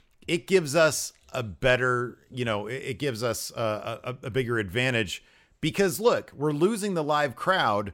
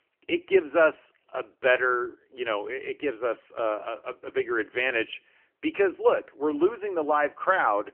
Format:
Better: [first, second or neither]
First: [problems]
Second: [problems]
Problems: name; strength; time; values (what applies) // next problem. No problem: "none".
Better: first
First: none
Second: phone-call audio; poor line; nothing above 3 kHz